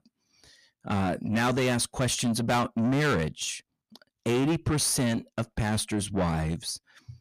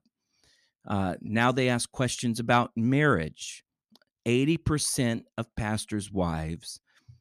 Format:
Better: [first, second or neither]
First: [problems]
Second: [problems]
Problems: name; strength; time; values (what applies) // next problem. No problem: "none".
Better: second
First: distortion; heavy; 7 dB below the speech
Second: none